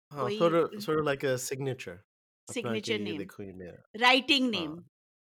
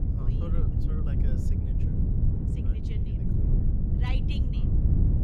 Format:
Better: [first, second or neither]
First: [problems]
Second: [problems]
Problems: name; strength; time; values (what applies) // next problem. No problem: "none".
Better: first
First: none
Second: wind noise on the microphone; heavy; 5 dB above the speech